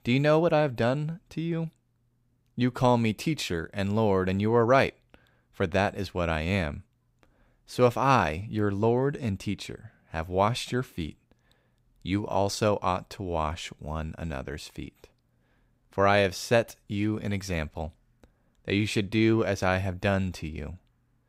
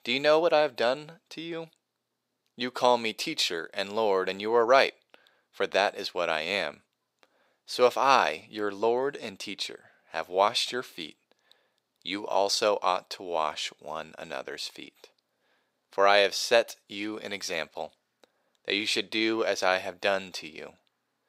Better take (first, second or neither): first